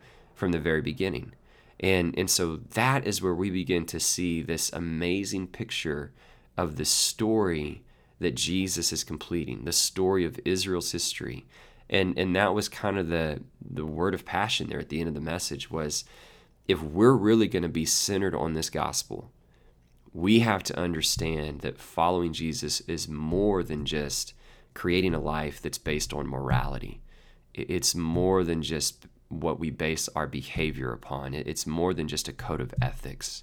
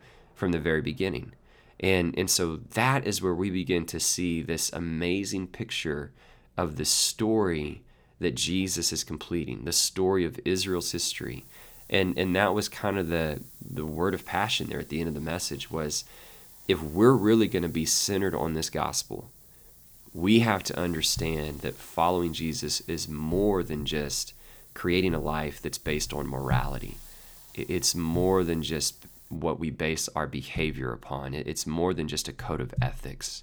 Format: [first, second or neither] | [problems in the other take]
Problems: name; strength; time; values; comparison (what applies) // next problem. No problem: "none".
first | hiss; noticeable; from 11 to 29 s; 20 dB below the speech